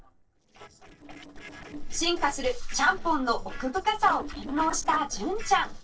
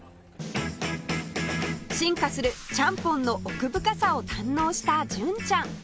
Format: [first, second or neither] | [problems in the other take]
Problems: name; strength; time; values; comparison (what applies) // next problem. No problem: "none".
second | noise reduction (neural separator model SepFormer DNS4)